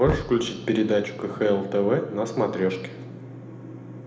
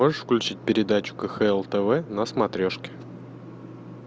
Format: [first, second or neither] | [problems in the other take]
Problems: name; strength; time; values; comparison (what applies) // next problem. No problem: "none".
second | background sound (Knock); 14 dB below the speech // room echo; dies away in 0.8 s